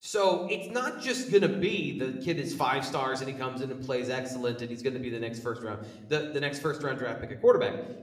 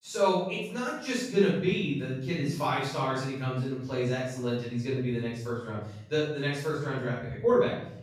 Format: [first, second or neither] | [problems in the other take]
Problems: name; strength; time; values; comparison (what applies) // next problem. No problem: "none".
first | room echo; strong; dies away in 1.2 s; slight in the first // off-mic speech; far